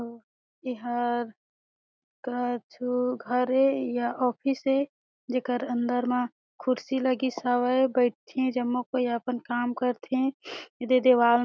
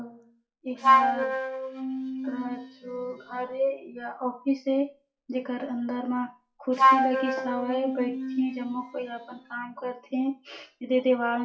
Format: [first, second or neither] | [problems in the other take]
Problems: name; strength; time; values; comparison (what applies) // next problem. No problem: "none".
first | noise reduction (classical method WPE with log-MMSE)